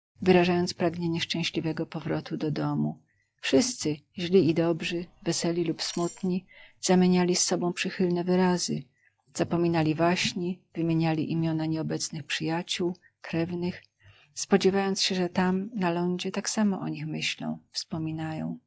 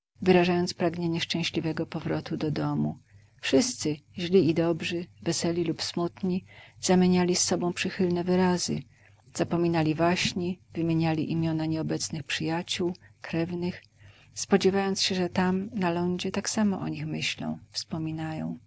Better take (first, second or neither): second